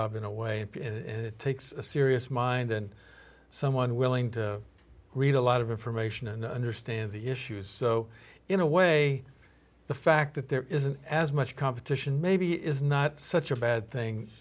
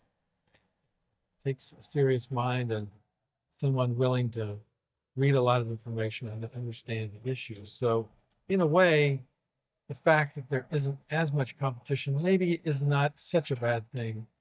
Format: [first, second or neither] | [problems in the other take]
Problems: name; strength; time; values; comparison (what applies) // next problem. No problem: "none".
first | noise reduction (neural mask model DeepFilterNet 3)